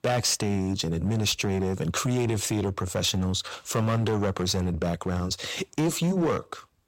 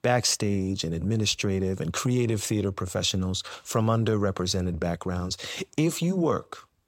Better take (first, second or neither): second